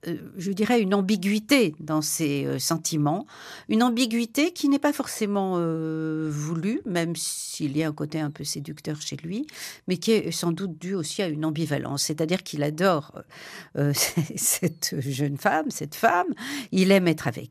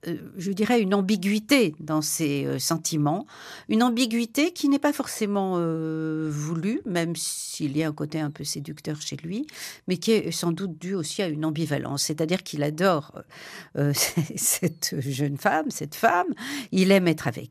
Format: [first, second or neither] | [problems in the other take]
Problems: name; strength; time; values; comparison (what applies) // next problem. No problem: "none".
neither | none